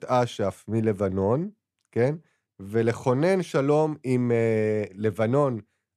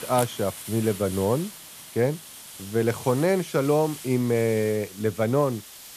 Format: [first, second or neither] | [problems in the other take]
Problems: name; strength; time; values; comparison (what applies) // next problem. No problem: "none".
first | hiss; noticeable; throughout; 15 dB below the speech